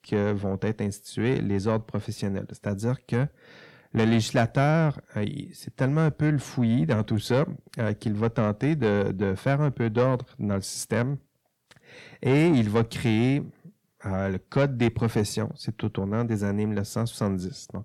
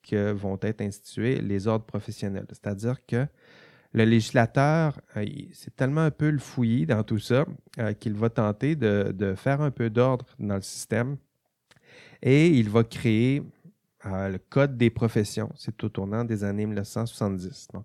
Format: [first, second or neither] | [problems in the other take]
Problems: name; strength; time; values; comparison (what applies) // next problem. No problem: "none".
second | distortion; slight; 10 dB below the speech